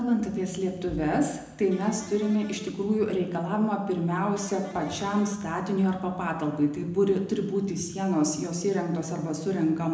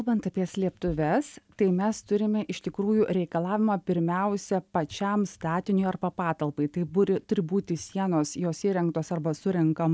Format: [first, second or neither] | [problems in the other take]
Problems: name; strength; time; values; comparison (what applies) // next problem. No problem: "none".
second | background sound (Electric guitar); 17 dB below the speech // room echo; dies away in 0.9 s